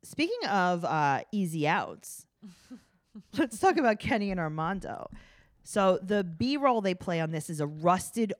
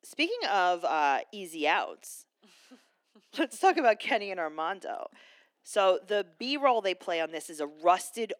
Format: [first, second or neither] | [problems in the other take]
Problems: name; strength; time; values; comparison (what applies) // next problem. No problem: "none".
first | thin; somewhat; fading below 300 Hz